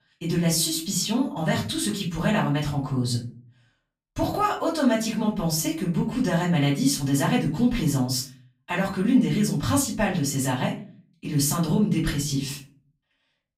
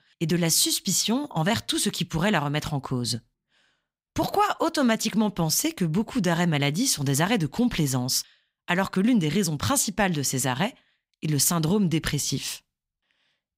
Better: second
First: room echo; slight; dies away in 0.4 s // off-mic speech; far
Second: none

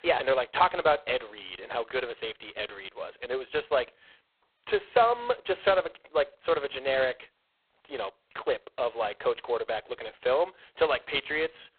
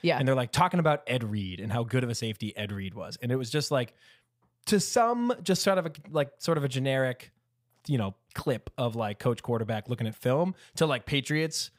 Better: second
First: phone-call audio; poor line; nothing above 4 kHz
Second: none

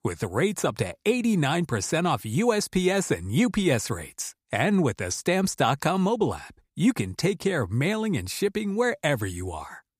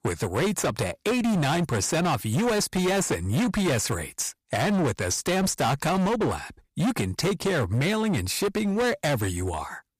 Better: first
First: none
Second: distortion; heavy; 25% of the sound clipped

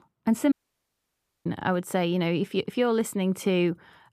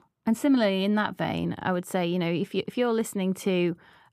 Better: second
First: audio cutting out; at 0.5 s for 1 s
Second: none

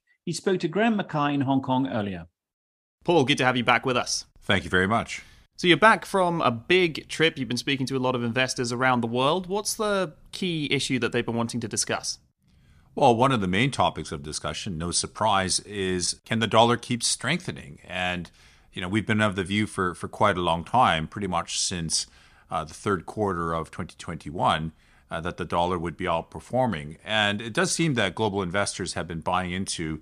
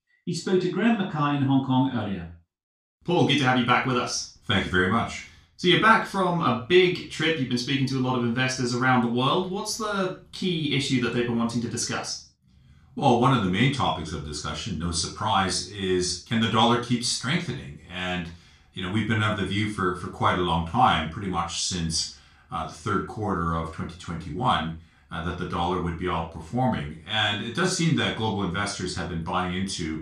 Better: first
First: none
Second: room echo; noticeable; dies away in 0.3 s // off-mic speech; far

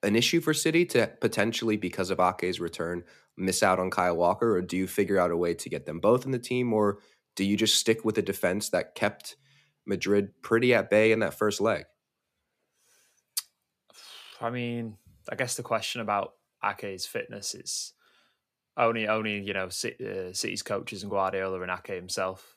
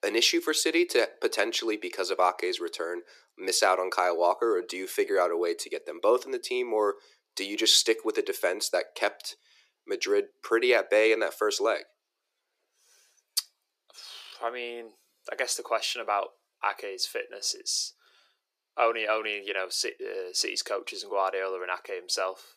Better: first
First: none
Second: thin; very; fading below 350 Hz

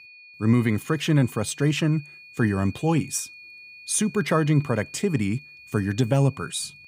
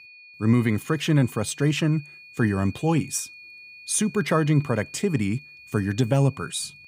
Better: neither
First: high-pitched whine; noticeable; throughout; 2.5 kHz, 20 dB below the speech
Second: high-pitched whine; noticeable; throughout; 2.5 kHz, 20 dB below the speech

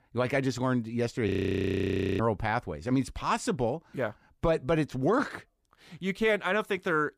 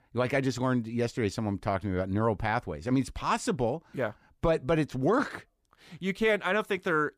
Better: second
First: audio freezing; at 1.5 s for 1 s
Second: none

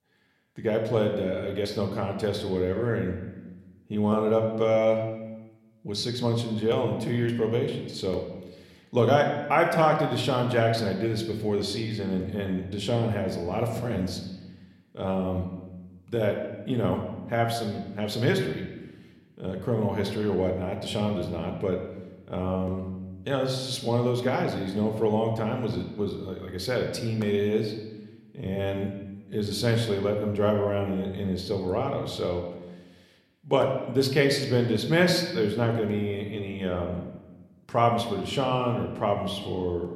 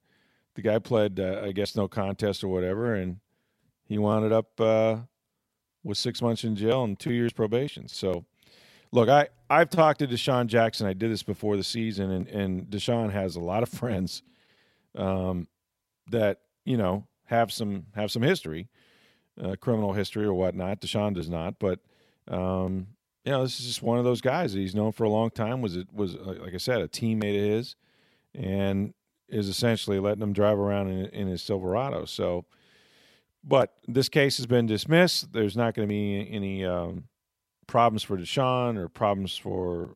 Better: second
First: room echo; slight; dies away in 1 s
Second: none

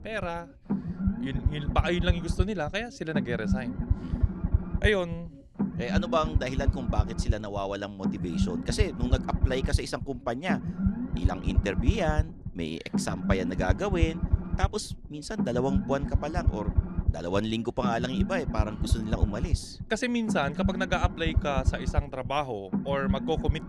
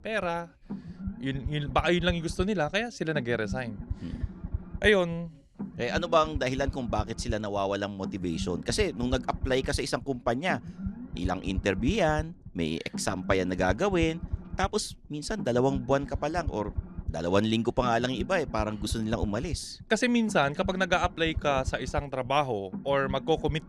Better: second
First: low rumble; loud; throughout; 9 dB below the speech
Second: low rumble; faint; throughout; 20 dB below the speech

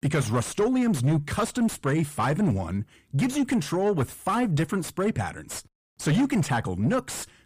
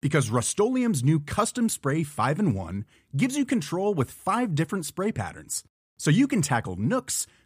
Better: second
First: distortion; slight; 9 dB below the speech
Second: none

